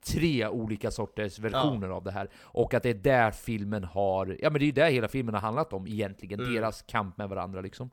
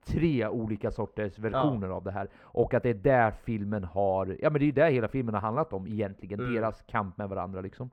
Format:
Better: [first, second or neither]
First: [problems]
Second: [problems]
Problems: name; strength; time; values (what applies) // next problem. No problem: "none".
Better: first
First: none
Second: muffled; very; fading above 3.5 kHz